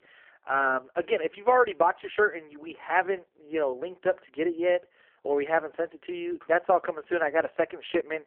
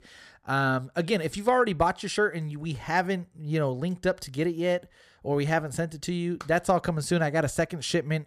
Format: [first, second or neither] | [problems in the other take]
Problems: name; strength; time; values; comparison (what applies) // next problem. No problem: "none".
second | phone-call audio; poor line; nothing above 3 kHz